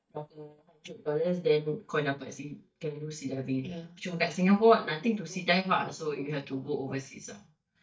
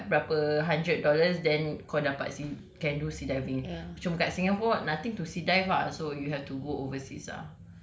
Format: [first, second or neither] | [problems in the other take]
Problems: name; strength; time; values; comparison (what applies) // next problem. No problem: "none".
second | noise reduction (neural mask model DeepFilterNet 3)